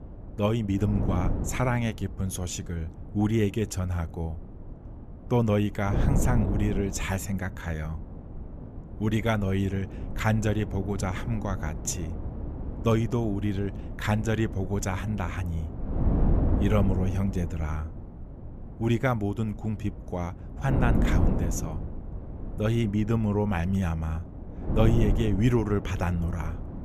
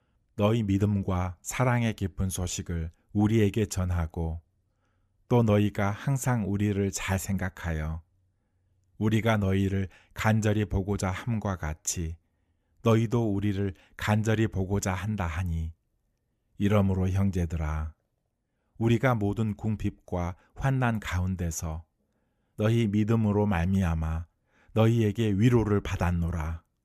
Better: second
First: wind noise on the microphone; heavy; 9 dB below the speech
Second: none

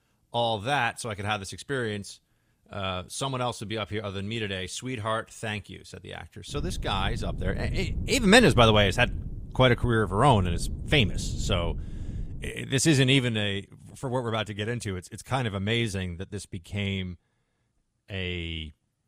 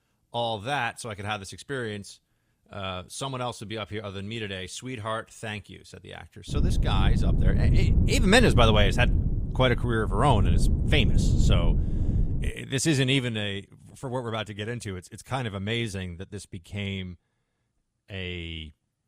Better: first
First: wind noise on the microphone; occasional gusts; from 6.5 to 12 s; 20 dB below the speech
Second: wind noise on the microphone; heavy; from 6.5 to 12 s; 9 dB below the speech

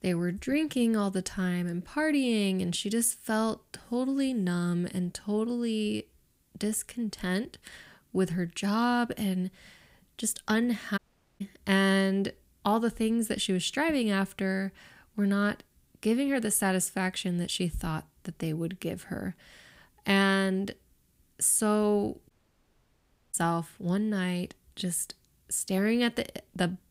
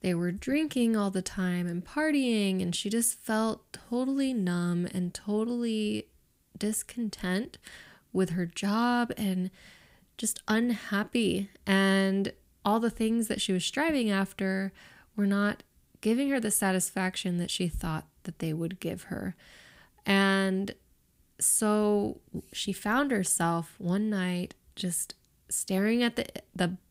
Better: second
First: audio cutting out; at 11 s and at 22 s for 1 s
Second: none

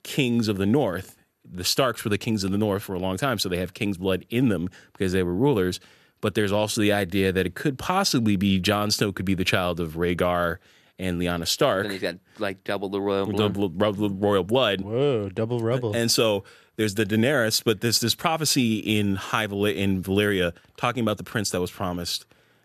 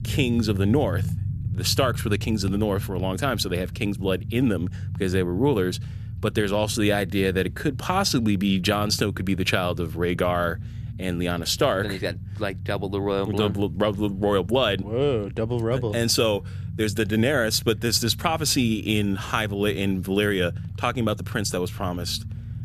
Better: first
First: none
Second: low rumble; faint; throughout; 20 dB below the speech

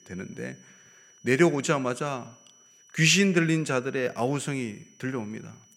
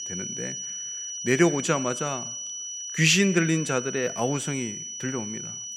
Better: first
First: high-pitched whine; faint; throughout; 6 kHz, 30 dB below the speech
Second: high-pitched whine; loud; throughout; 6 kHz, 7 dB below the speech

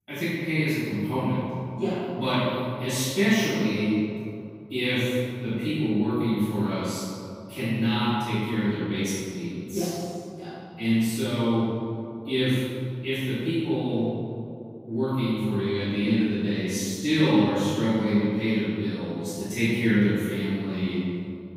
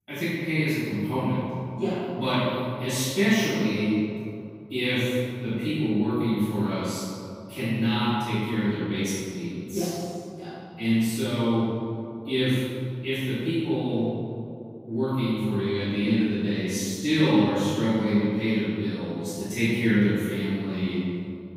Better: neither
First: room echo; strong; dies away in 2.5 s // off-mic speech; far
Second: room echo; strong; dies away in 2.5 s // off-mic speech; far

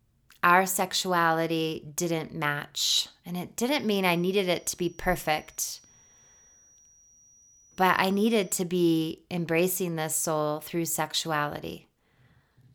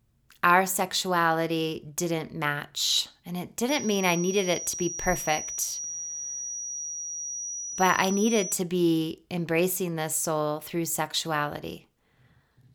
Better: first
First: high-pitched whine; faint; from 3.5 to 8.5 s; 6 kHz, 30 dB below the speech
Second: high-pitched whine; loud; from 3.5 to 8.5 s; 6 kHz, 6 dB below the speech

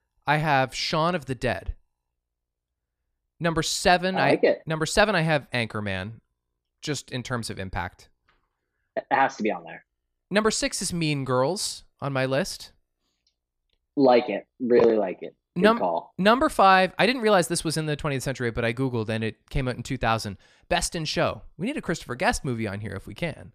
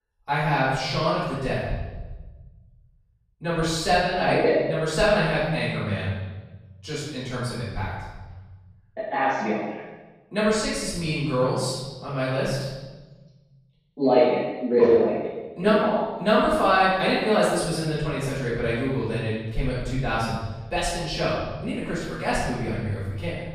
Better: first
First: none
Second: room echo; strong; dies away in 1.3 s // off-mic speech; far

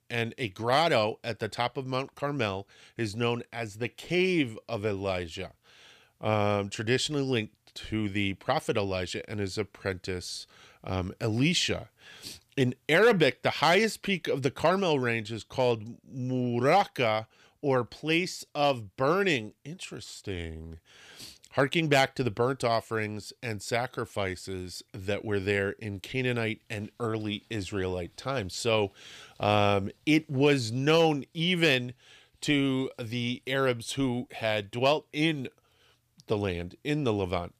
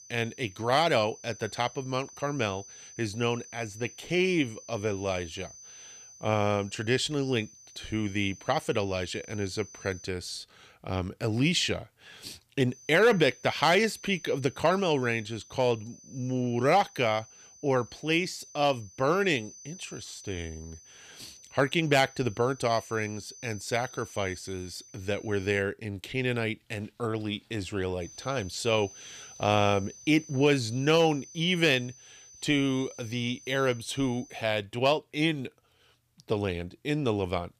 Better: first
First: none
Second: high-pitched whine; noticeable; until 10 s, from 13 to 26 s and from 28 to 34 s; 6 kHz, 20 dB below the speech

